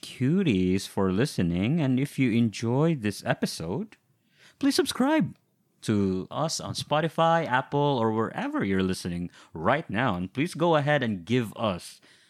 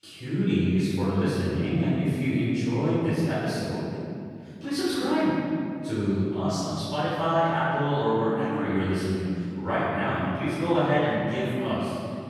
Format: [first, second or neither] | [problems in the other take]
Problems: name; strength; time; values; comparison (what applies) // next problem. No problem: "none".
first | off-mic speech; far // room echo; strong; dies away in 2.3 s